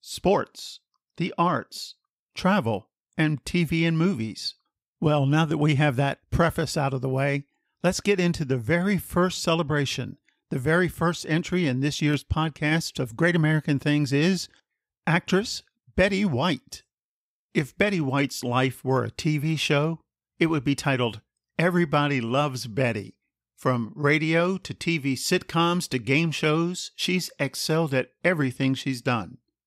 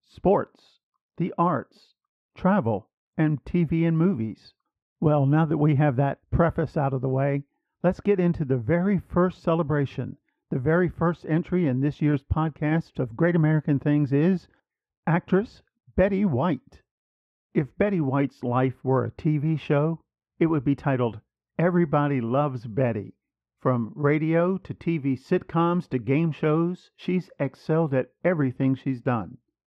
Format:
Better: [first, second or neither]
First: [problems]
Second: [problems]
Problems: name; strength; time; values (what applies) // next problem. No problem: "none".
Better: first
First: none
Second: muffled; very; fading above 3 kHz